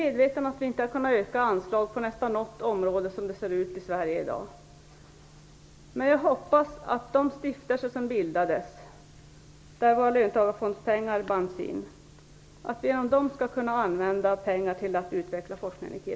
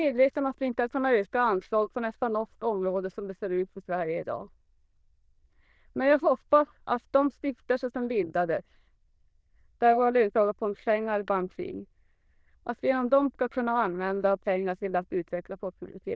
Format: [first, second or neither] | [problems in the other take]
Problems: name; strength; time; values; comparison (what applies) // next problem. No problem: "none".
first | noise reduction (neural diffusion model UNIVERSE++)